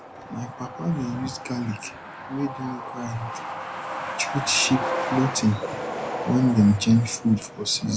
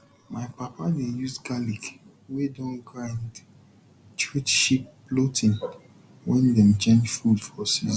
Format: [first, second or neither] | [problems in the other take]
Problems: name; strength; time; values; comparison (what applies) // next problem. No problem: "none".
second | background sound (Truck); 8 dB below the speech